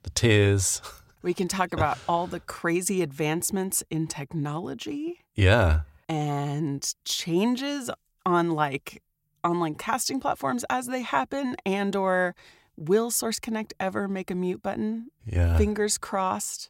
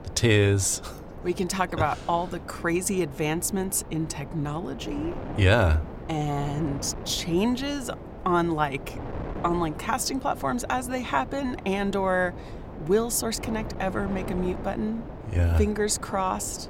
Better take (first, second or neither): first